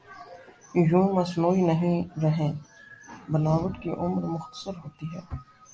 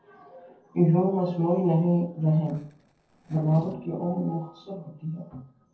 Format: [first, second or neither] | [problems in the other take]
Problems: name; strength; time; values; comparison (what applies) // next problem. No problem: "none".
first | noise reduction (neural separator model SepFormer DNS4)